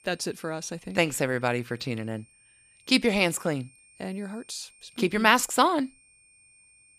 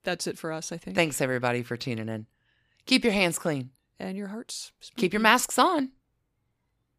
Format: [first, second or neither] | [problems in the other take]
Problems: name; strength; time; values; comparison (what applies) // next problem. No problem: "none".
second | high-pitched whine; faint; throughout; 2.5 kHz, 30 dB below the speech